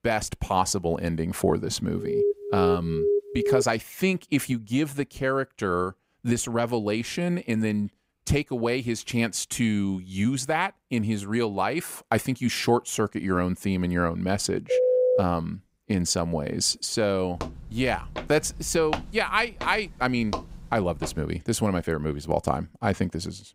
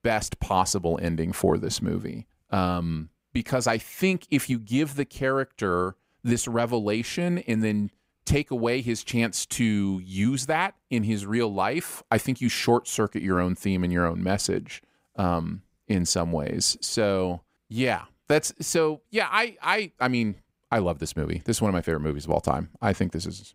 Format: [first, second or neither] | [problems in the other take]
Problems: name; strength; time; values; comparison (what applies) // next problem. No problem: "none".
second | alarm; loud; from 2 to 3.5 s; peak 1 dB above the speech // phone ringing; loud; at 15 s; peak 5 dB above the speech // footsteps; noticeable; from 17 to 21 s; peak 6 dB below the speech